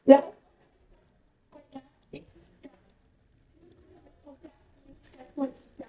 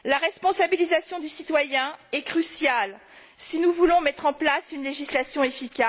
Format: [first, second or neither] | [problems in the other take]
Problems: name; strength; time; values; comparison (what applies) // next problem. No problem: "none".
second | noise reduction (neural mask model DeepFilterNet 3)